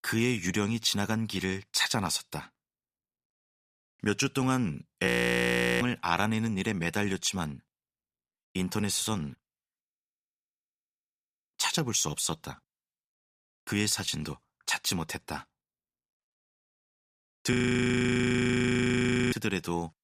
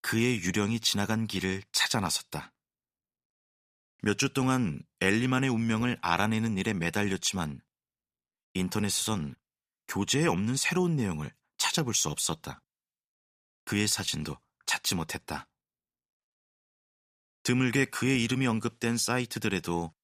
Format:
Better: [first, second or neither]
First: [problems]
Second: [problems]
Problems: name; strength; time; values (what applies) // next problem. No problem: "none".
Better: second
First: audio freezing; at 5 s for 0.5 s, at 10 s for 1.5 s and at 18 s for 2 s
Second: none